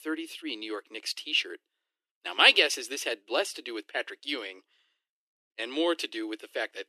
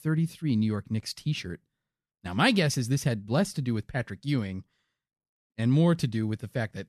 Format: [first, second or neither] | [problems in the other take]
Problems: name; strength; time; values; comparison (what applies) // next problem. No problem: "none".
second | thin; very; fading below 300 Hz